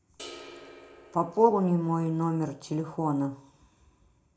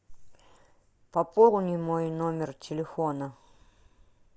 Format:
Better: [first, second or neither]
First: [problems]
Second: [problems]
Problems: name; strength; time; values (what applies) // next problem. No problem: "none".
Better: second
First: background sound (Crash cymbal); 19 dB below the speech // room echo; dies away in 0.4 s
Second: none